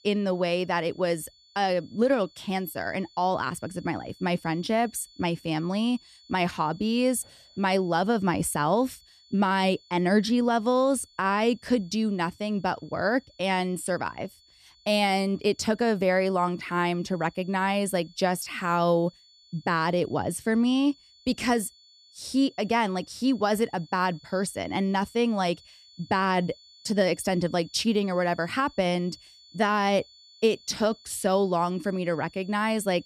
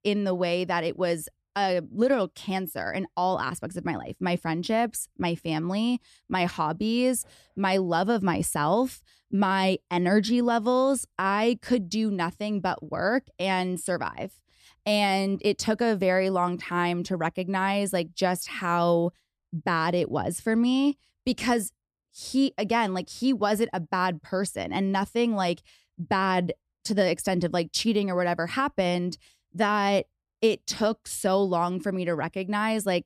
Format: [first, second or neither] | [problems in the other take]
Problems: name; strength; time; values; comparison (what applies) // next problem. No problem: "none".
second | high-pitched whine; faint; throughout; 4.5 kHz, 25 dB below the speech